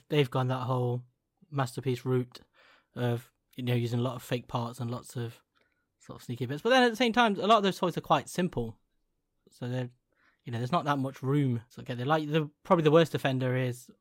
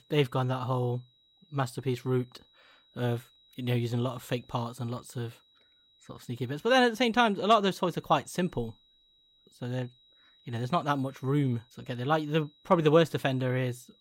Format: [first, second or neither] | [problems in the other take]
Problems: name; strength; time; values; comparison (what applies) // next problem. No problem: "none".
first | high-pitched whine; faint; throughout; 4 kHz, 30 dB below the speech